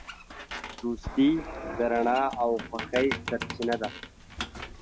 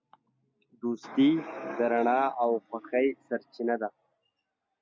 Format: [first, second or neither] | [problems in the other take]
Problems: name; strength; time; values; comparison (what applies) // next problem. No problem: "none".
second | background sound (Squeak); 10 dB below the speech